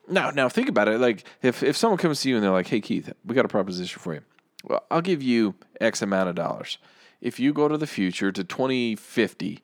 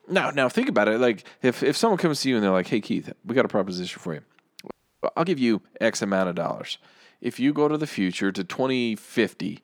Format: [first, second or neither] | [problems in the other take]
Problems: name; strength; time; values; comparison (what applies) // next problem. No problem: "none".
first | audio freezing; at 4.5 s